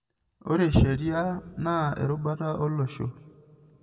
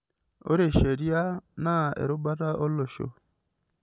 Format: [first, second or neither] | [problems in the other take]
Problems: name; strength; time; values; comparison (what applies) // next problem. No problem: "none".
second | room echo; dies away in 1.5 s